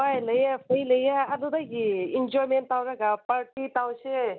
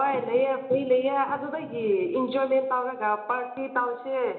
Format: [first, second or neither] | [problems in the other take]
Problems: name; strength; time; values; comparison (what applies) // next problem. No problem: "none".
first | room echo; dies away in 0.8 s